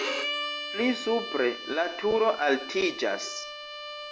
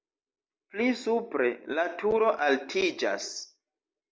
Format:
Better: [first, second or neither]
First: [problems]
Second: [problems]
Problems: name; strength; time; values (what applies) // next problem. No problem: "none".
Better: second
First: background sound (Bowed string instrument); 7 dB below the speech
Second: none